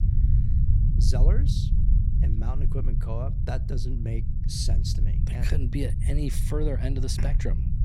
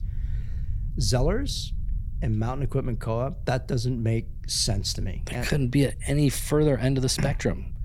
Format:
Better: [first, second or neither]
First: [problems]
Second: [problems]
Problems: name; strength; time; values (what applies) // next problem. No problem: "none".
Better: second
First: low rumble; loud; throughout; 5 dB below the speech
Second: low rumble; faint; throughout; 25 dB below the speech